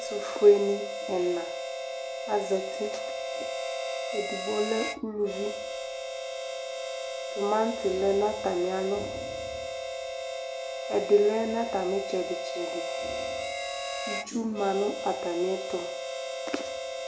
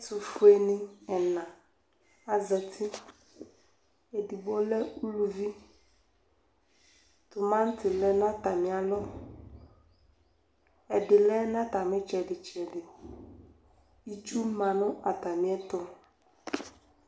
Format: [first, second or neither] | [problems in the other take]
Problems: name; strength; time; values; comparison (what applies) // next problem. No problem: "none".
second | background sound (Harmonica); 4 dB below the speech